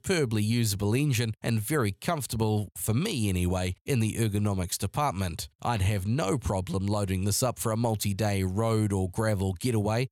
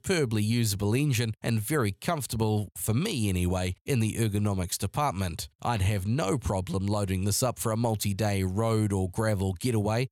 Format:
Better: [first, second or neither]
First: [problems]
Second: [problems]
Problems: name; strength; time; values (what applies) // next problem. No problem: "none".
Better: neither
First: none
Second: none